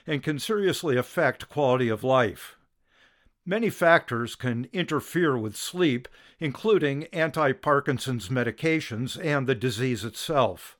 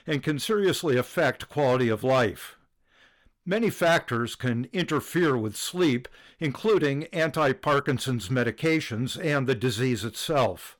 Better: first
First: none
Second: distortion; slight; 5% of the sound clipped

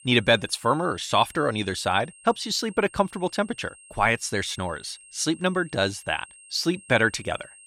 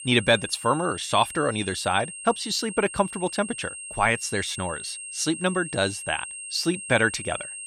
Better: first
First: high-pitched whine; faint; throughout; 8.5 kHz, 25 dB below the speech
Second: high-pitched whine; loud; throughout; 8.5 kHz, 10 dB below the speech

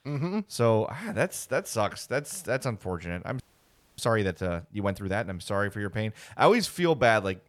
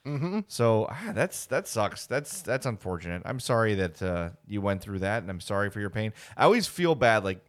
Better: second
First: audio freezing; at 3.5 s for 0.5 s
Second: none

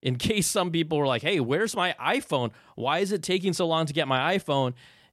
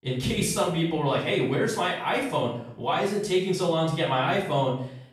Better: first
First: none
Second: off-mic speech; far // room echo; noticeable; dies away in 0.6 s

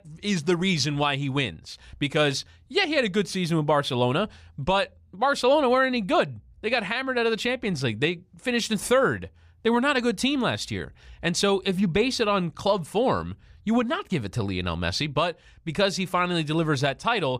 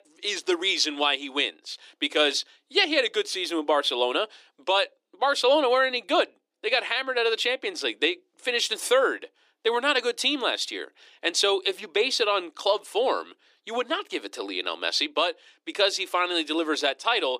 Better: first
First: none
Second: thin; somewhat; fading below 300 Hz

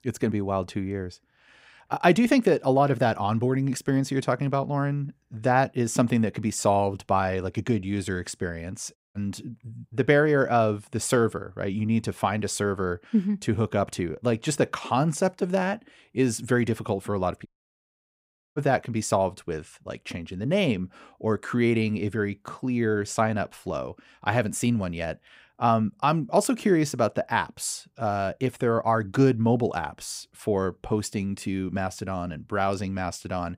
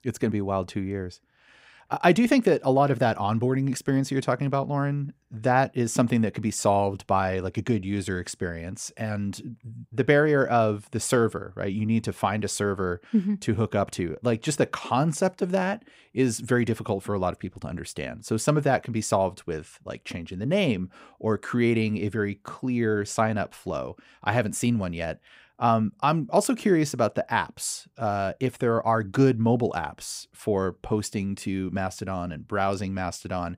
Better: second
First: audio cutting out; at 9 s and at 17 s for 1 s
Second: none

